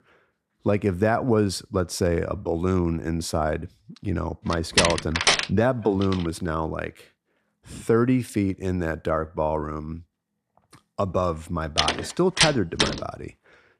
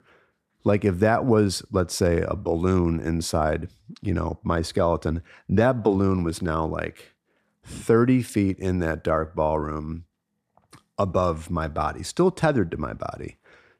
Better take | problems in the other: second | door banging; loud; from 4.5 to 13 s; peak 5 dB above the speech

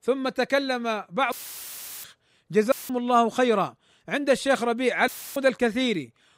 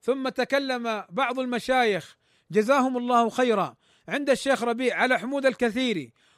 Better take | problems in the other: second | audio cutting out; filled with static; at 1.5 s for 0.5 s, at 2.5 s and at 5 s

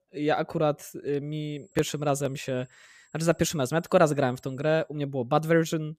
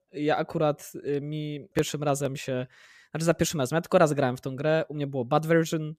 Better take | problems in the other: second | high-pitched whine; faint; from 1.5 to 5 s; 7.5 kHz, 35 dB below the speech

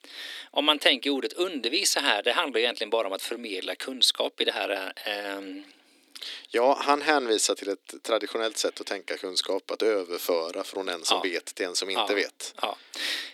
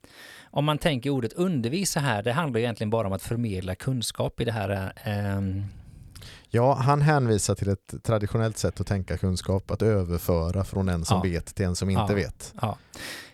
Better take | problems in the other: second | thin; somewhat; fading below 300 Hz

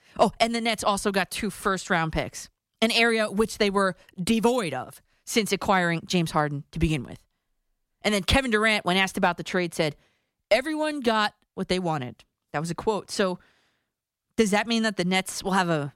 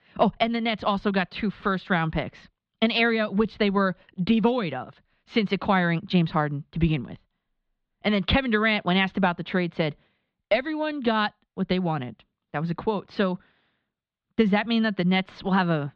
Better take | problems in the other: first | muffled; slightly; fading above 4 kHz

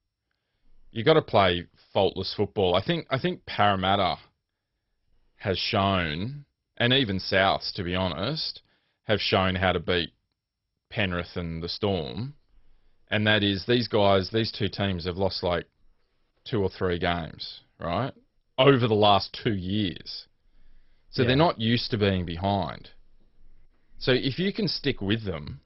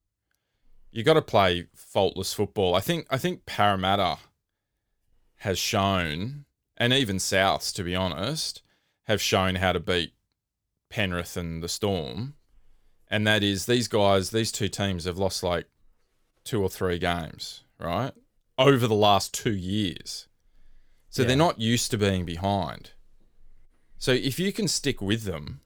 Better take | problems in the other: second | garbled, watery; badly; nothing above 5.5 kHz

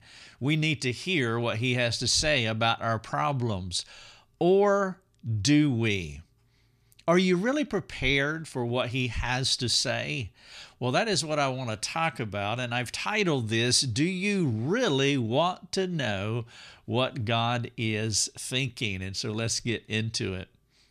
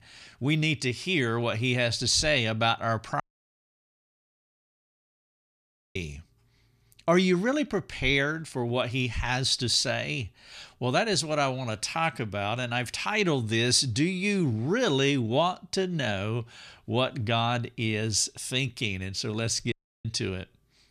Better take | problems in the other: first | audio cutting out; at 3 s for 3 s and at 20 s

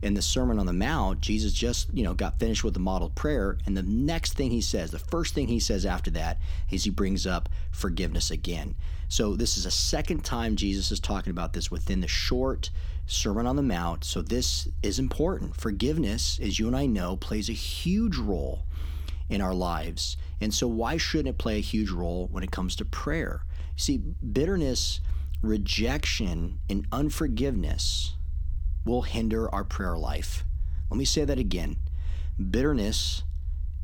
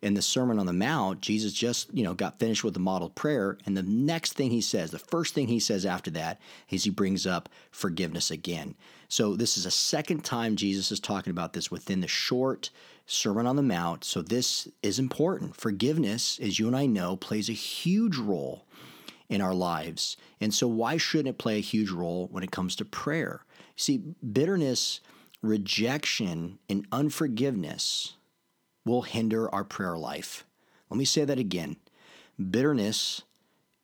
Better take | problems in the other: second | low rumble; faint; throughout; 25 dB below the speech

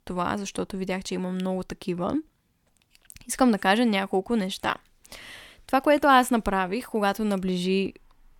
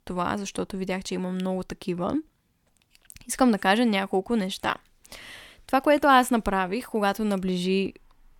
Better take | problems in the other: neither | none

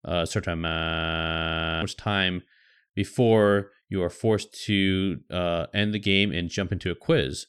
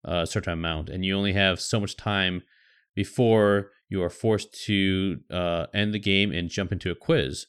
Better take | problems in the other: second | audio freezing; at 0.5 s for 1 s

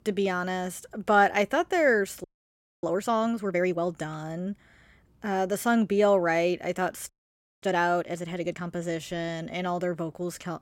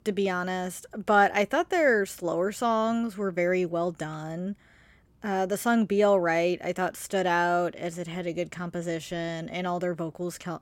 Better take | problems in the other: second | audio freezing; at 2 s for 0.5 s and at 7 s for 0.5 s

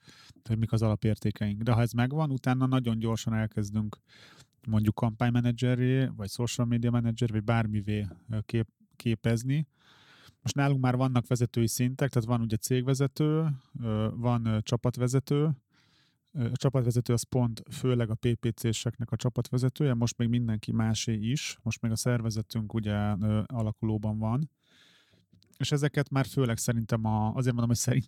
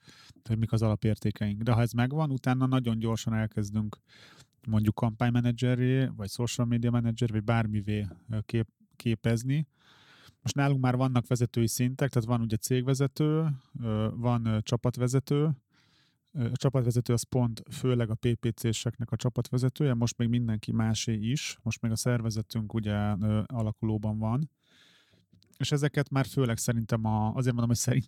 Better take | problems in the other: neither | none

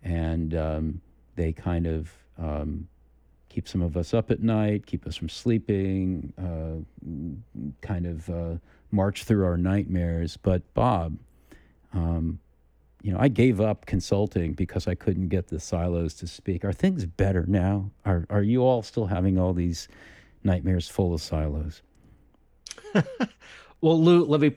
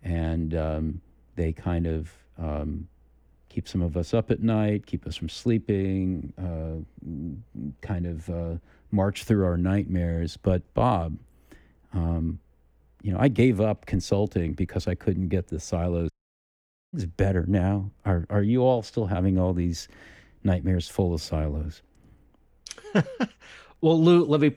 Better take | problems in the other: first | audio cutting out; at 16 s for 1 s

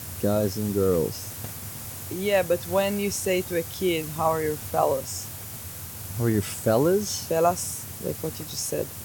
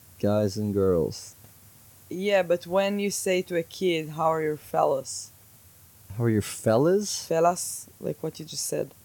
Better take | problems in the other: second | hiss; loud; throughout; 9 dB below the speech; faint in the second

